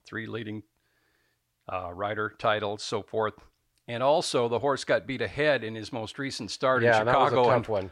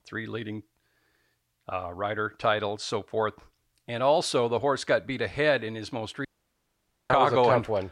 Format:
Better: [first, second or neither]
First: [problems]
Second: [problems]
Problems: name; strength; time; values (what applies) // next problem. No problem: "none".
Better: first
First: none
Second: audio cutting out; at 6.5 s for 1 s